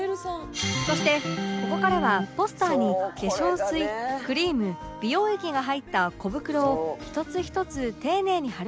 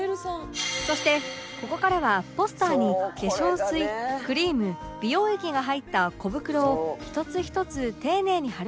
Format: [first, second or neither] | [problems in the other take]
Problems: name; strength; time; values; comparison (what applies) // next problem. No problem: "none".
second | background sound (Organ); 5 dB below the speech